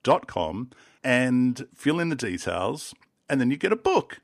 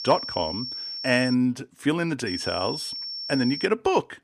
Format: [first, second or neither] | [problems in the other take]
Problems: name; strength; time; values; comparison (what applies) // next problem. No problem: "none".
first | high-pitched whine; loud; until 1.5 s and from 2.5 to 3.5 s; 5.5 kHz, 6 dB below the speech